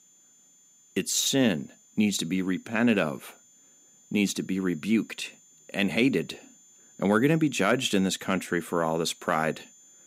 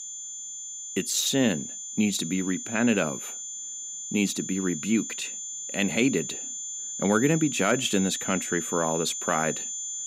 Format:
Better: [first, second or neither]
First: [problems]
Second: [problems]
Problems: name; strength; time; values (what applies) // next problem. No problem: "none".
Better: first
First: high-pitched whine; faint; throughout; 7 kHz, 25 dB below the speech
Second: high-pitched whine; loud; throughout; 7 kHz, 6 dB below the speech